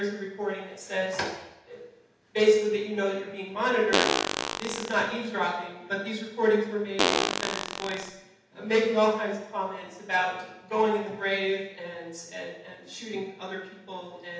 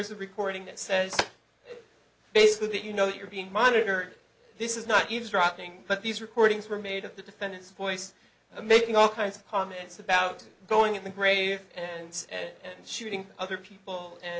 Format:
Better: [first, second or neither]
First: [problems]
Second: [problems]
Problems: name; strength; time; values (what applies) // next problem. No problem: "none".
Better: second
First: background sound (Fart); 1 dB above the speech // room echo; dies away in 0.8 s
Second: none